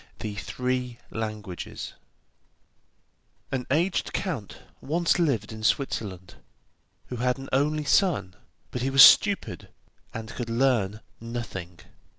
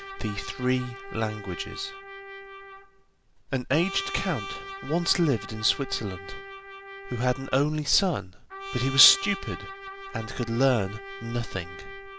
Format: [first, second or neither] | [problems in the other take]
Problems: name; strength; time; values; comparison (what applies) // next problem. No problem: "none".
first | background sound (Trumpet); 12 dB below the speech